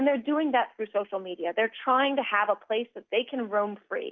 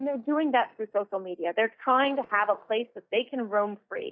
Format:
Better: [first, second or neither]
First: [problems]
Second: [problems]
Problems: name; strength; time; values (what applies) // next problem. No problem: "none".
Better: first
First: none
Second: noise reduction (neural mask model DeepFilterNet 3)